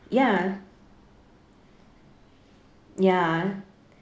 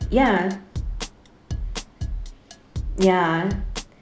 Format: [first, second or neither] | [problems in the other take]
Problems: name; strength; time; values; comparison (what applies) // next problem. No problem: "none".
first | background sound (Drum kit); 6 dB below the speech